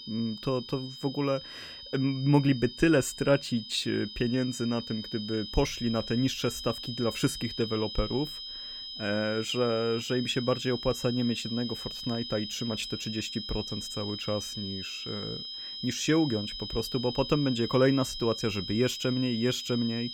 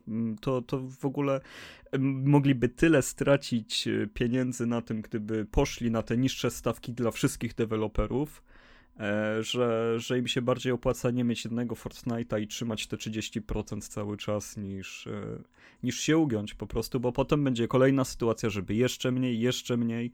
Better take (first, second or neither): second